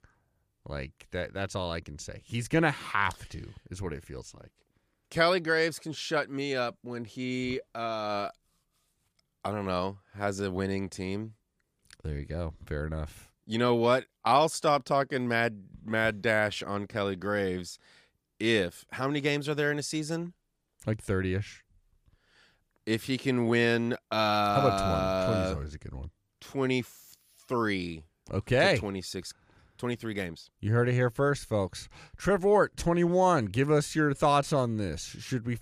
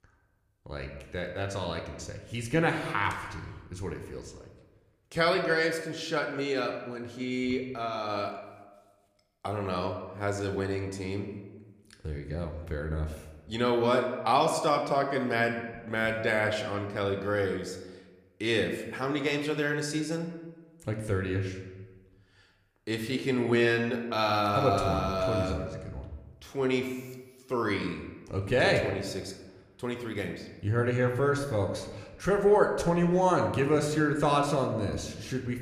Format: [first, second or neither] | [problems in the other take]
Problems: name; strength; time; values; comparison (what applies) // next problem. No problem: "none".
first | room echo; slight; dies away in 0.9 s